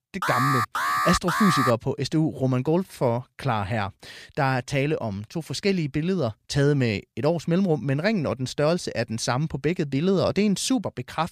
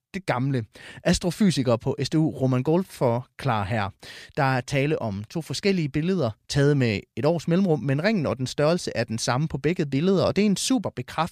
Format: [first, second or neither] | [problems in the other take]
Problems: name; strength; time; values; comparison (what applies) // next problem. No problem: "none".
second | alarm; loud; until 1.5 s; peak 2 dB above the speech